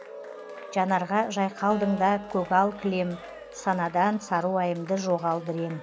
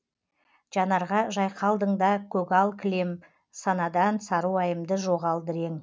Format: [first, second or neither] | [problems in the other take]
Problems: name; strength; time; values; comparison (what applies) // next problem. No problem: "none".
second | background sound (Acoustic guitar + Cheering); 15 dB below the speech